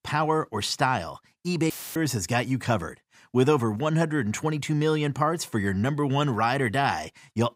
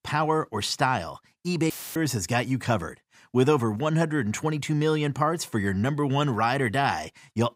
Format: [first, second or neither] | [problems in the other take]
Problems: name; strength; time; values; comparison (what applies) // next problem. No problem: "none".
neither | audio cutting out; filled with static; at 1.5 s; the same in both